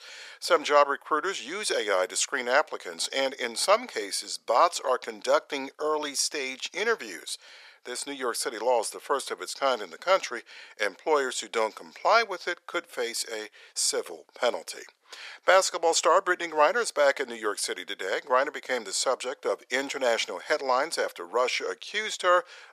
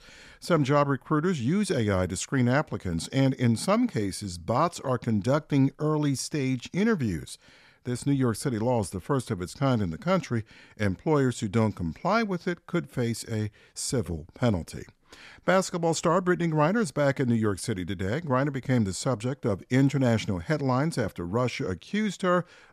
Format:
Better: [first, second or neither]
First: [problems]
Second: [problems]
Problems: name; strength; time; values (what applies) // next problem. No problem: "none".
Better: second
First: thin; very; fading below 450 Hz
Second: none